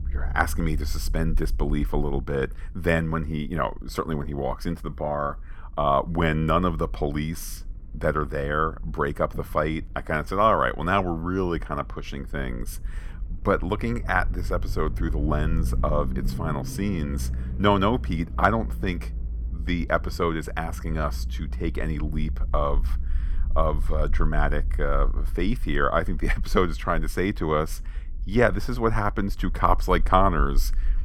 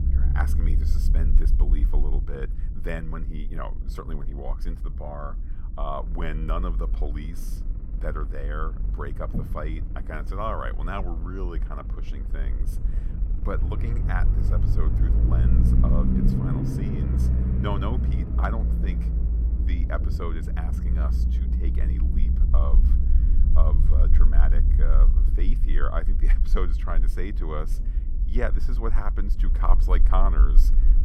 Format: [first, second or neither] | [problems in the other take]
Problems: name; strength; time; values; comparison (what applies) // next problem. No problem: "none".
first | low rumble; loud; throughout; 6 dB below the speech; faint in the first